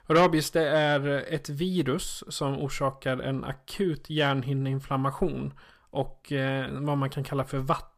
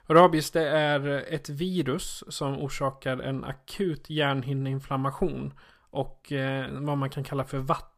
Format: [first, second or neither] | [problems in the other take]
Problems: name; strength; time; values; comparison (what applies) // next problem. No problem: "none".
second | distortion; slight; 10 dB below the speech